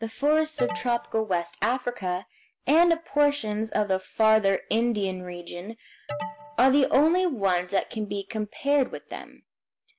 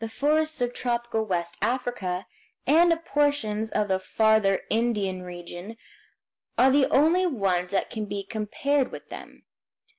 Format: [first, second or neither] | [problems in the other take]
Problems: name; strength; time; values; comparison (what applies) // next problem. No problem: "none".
second | background sound (Alarm); 12 dB below the speech